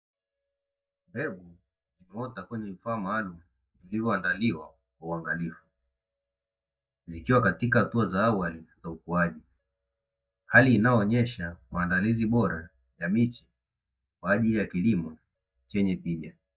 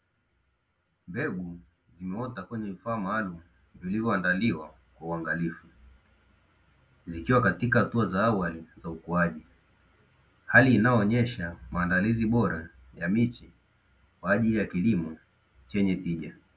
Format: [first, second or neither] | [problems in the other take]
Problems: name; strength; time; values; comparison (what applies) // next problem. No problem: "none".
second | noise reduction (neural mask model DeepFilterNet 3)